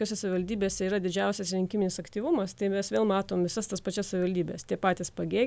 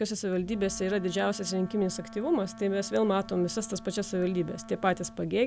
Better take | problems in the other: first | background sound (Wind instrument, woodwind instrument); 17 dB below the speech

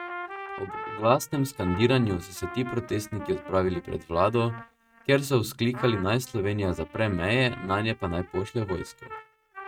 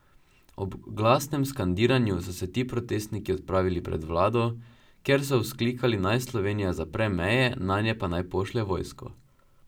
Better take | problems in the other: second | noise reduction (neural mask model RNNoise)

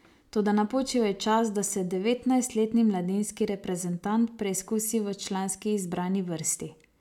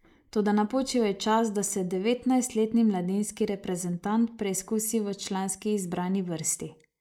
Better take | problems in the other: first | noise reduction (neural mask model Resemble Enhance denoiser)

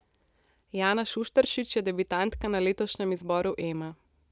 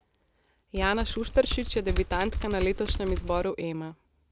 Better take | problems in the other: first | background sound (Typing); 2 dB below the speech

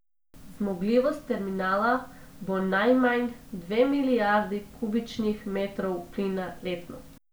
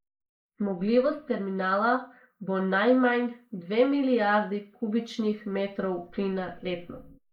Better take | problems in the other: first | noise reduction (neural mask model Resemble Enhance denoiser)

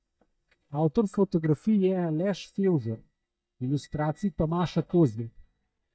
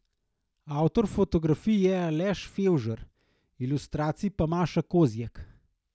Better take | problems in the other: second | noise reduction (neural mask model DeepFilterNet 3)

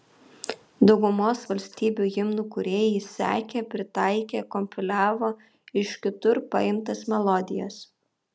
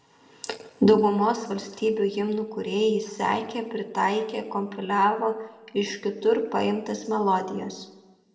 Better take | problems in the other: first | room echo; dies away in 0.8 s

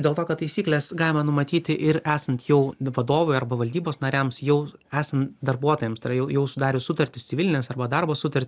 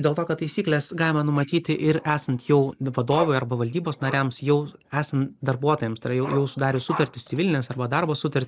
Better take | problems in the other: first | noise reduction (neural mask model Resemble Enhance denoiser)

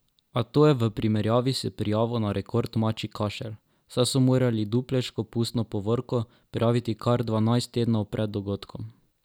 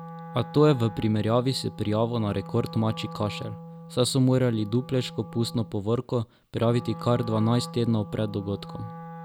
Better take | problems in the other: first | background sound (Wind instrument, woodwind instrument); 14 dB below the speech

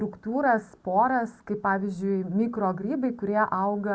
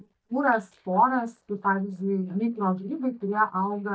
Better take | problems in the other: first | noise reduction (neural mask model DeepFilterNet 3)

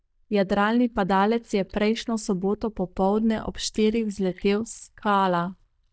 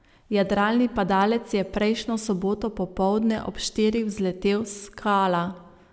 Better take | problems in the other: second | noise reduction (neural mask model DeepFilterNet 3)

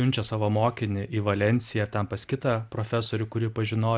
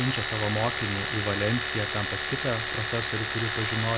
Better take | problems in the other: first | background sound (Domestic sounds, home sounds); 1 dB below the speech

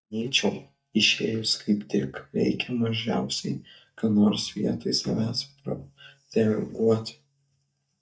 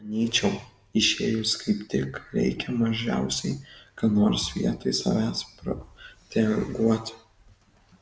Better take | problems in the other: second | noise reduction (neural mask model DeepFilterNet 3)

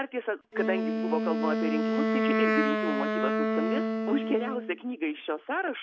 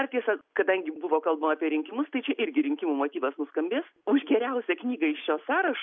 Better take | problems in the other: second | background sound (Wind instrument, woodwind instrument); 2 dB above the speech

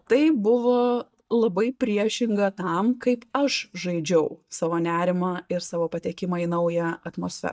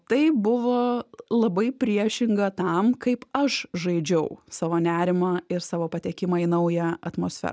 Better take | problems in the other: second | noise reduction (neural mask model DeepFilterNet 3)

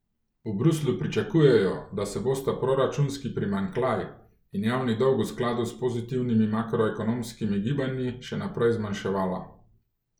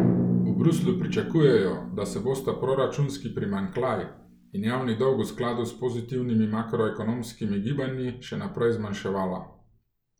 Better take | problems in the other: first | background sound (Drum); 6 dB below the speech

